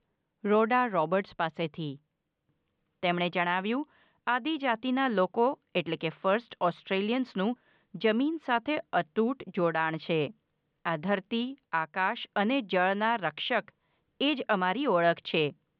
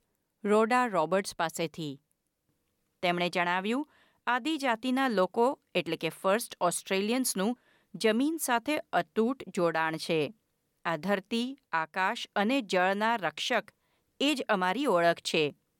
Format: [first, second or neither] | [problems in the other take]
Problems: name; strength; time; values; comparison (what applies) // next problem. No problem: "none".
second | muffled; very; fading above 3.5 kHz